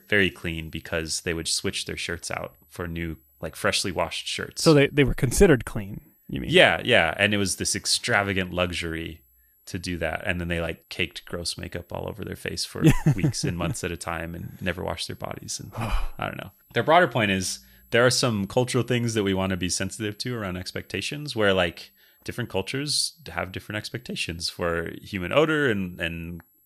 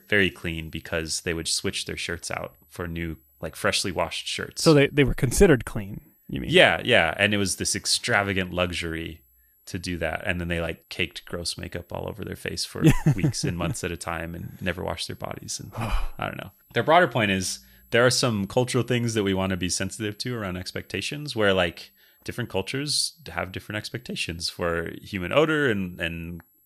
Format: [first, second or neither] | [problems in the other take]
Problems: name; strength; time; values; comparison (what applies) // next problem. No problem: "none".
neither | high-pitched whine; faint; throughout; 11.5 kHz, 35 dB below the speech; the same in both